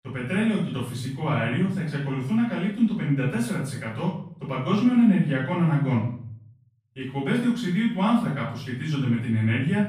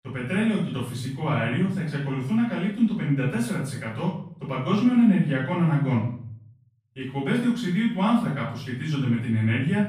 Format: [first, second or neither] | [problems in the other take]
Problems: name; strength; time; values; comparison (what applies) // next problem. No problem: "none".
neither | off-mic speech; far; the same in both // room echo; noticeable; dies away in 0.6 s; the same in both